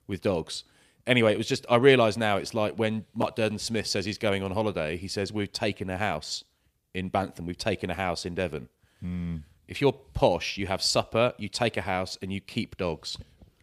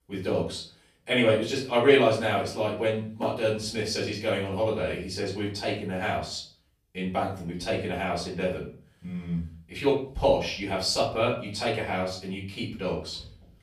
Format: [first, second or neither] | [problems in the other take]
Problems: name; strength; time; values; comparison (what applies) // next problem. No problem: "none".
first | off-mic speech; far // room echo; slight; dies away in 0.4 s